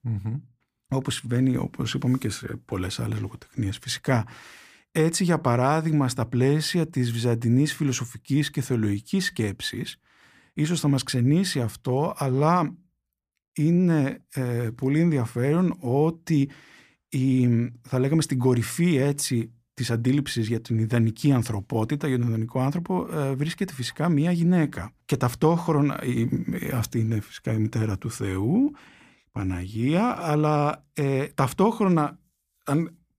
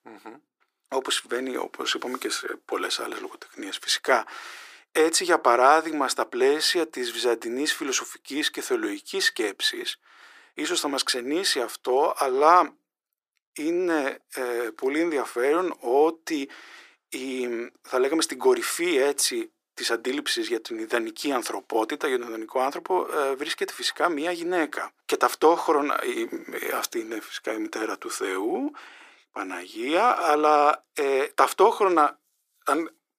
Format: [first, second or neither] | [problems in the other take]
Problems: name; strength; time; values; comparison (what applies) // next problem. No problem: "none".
first | thin; very; fading below 350 Hz